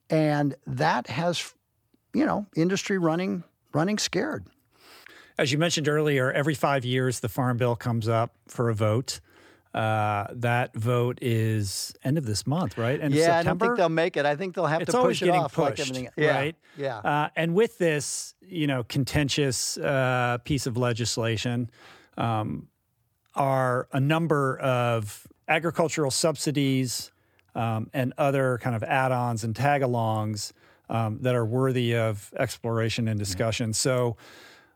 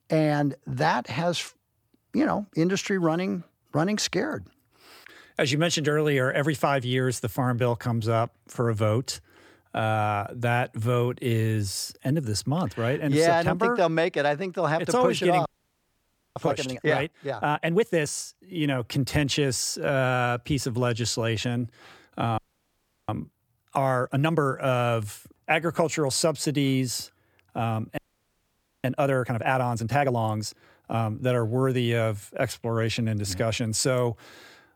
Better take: first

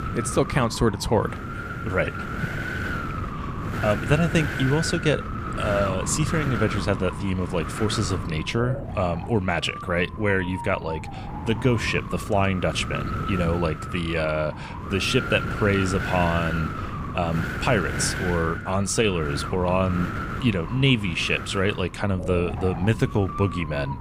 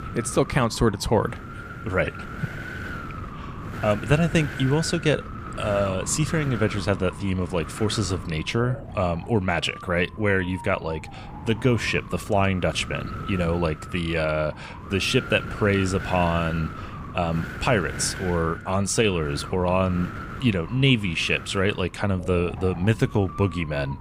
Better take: second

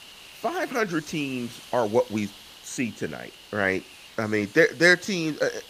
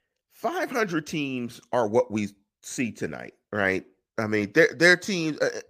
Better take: second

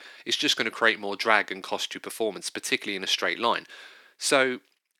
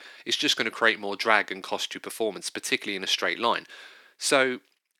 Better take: neither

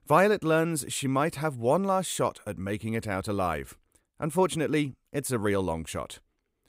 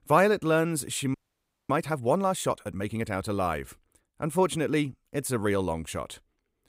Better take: first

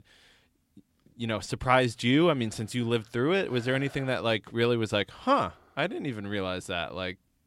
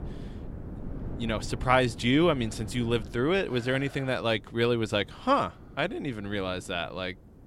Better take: first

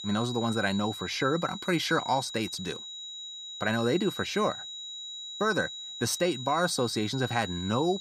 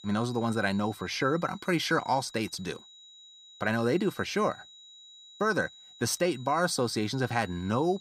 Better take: second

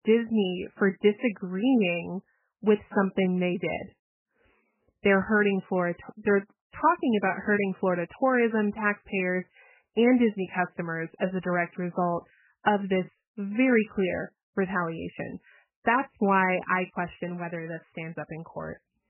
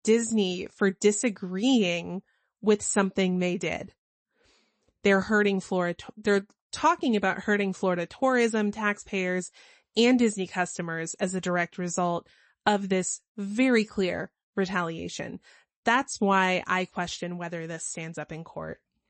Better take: second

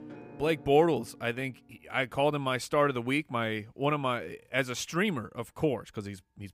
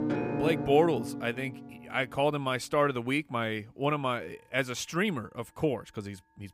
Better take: first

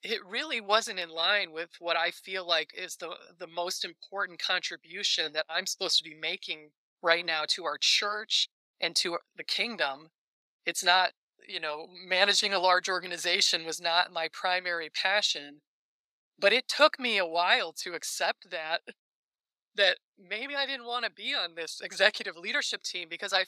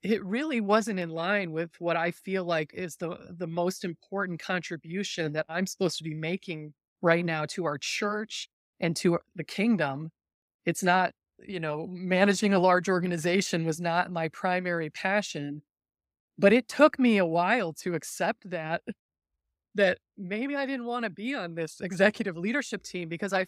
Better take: second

